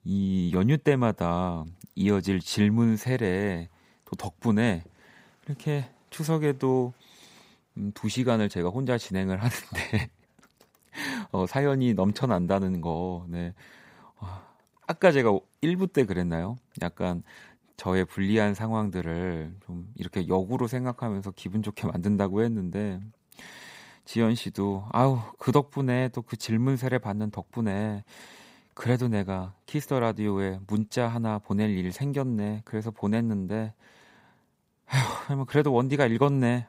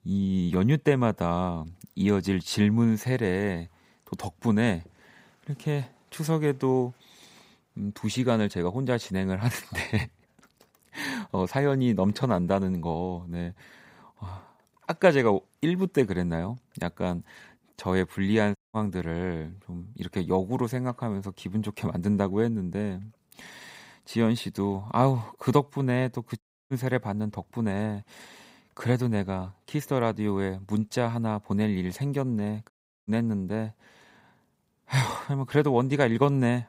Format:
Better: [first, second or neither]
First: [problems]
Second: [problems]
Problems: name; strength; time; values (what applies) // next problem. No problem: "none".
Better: first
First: none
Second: audio cutting out; at 19 s, at 26 s and at 33 s